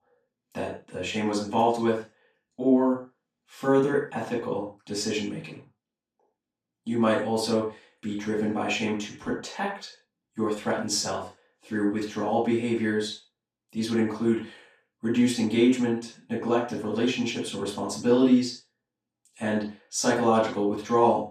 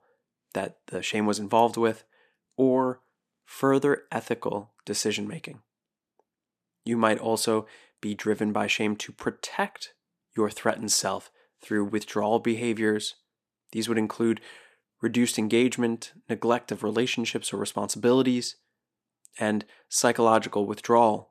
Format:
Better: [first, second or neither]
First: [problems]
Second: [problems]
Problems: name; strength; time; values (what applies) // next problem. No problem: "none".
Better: second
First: room echo; noticeable; dies away in 0.3 s // off-mic speech; far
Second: none